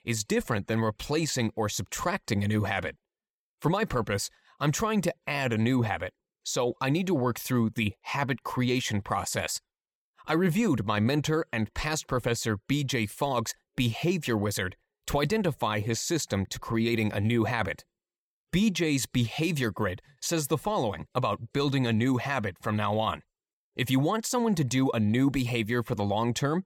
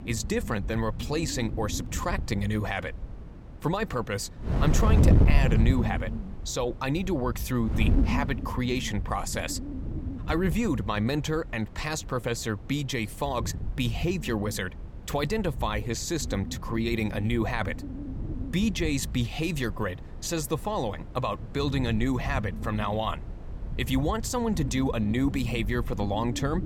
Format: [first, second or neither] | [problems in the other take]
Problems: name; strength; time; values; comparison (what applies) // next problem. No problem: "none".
first | wind noise on the microphone; occasional gusts; 10 dB below the speech